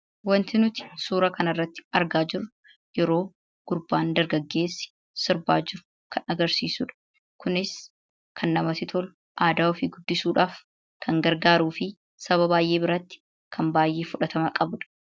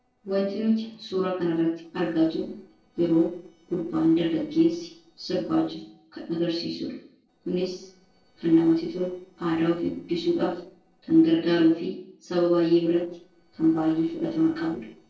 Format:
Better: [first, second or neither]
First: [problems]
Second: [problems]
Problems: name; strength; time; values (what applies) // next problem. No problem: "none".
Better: first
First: none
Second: noise reduction (neural separator model SepFormer DNS4)